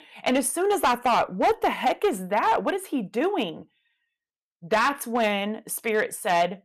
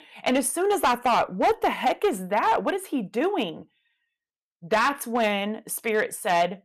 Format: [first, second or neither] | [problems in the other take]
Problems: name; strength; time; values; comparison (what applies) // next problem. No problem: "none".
neither | distortion; slight; 4% of the sound clipped; the same in both